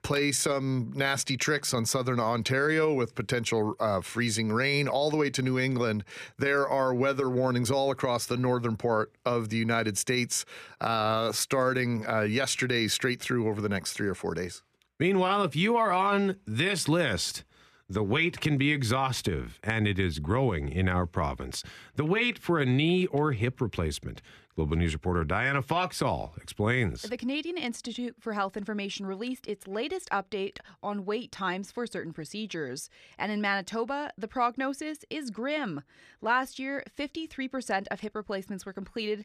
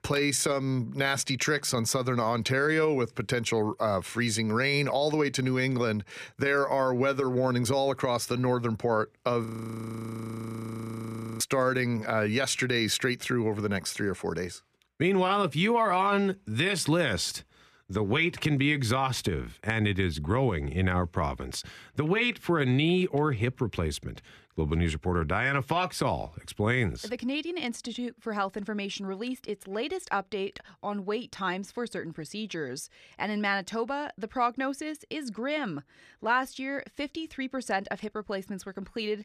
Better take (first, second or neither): first